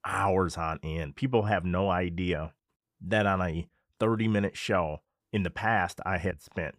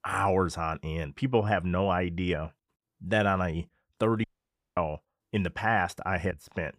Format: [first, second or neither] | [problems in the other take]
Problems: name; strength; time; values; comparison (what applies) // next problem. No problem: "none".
first | audio cutting out; at 4 s for 0.5 s